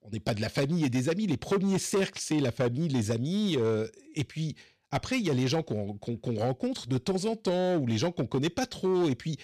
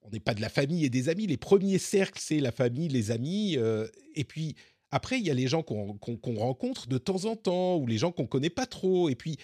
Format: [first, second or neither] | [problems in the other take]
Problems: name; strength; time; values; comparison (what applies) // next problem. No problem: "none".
second | distortion; slight; 8% of the sound clipped